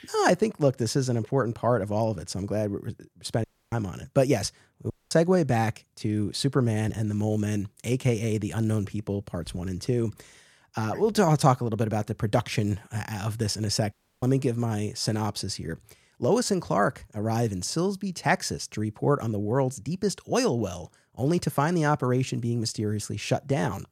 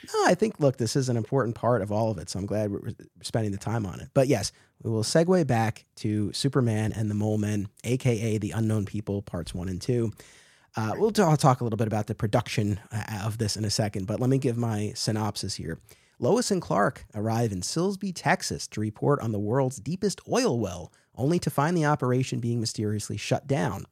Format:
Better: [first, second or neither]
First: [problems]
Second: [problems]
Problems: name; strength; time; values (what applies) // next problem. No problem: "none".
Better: second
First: audio cutting out; at 3.5 s, at 5 s and at 14 s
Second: none